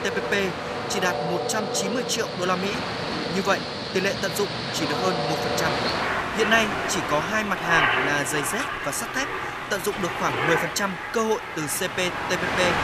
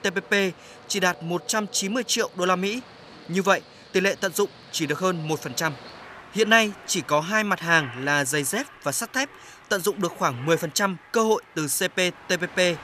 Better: second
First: train or aircraft noise; loud; throughout; 1 dB below the speech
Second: train or aircraft noise; faint; throughout; 20 dB below the speech

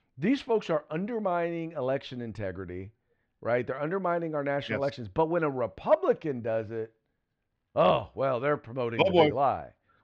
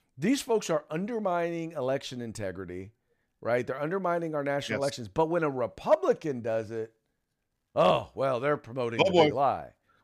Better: second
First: muffled; slightly; fading above 3.5 kHz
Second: none

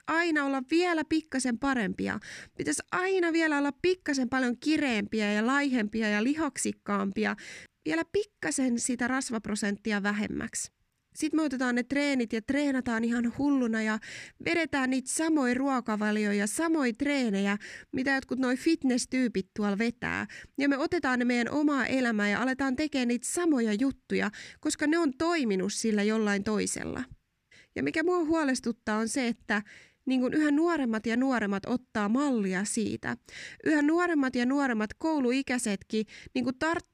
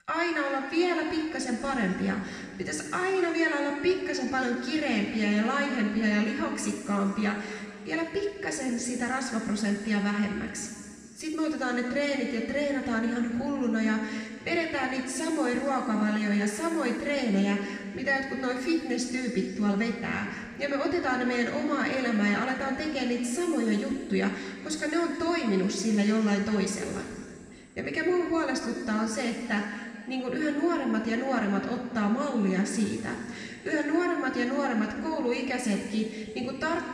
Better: first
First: none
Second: room echo; noticeable; dies away in 2.1 s // off-mic speech; far

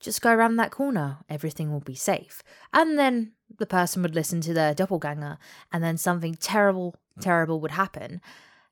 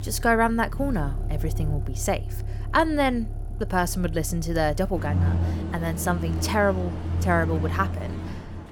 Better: first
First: none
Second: traffic noise; loud; throughout; 4 dB below the speech

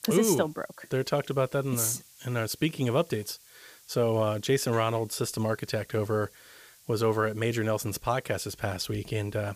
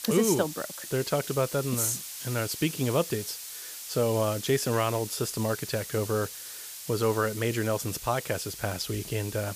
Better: first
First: hiss; faint; throughout; 25 dB below the speech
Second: hiss; loud; throughout; 9 dB below the speech

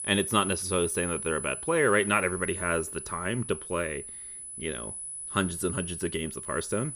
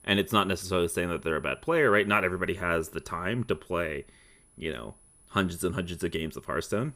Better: second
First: high-pitched whine; loud; throughout; 10 kHz, 6 dB below the speech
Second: high-pitched whine; faint; throughout; 10 kHz, 30 dB below the speech

